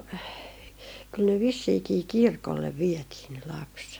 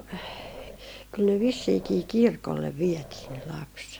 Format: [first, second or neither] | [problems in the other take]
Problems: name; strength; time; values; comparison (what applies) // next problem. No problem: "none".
first | background sound (Growling); 18 dB below the speech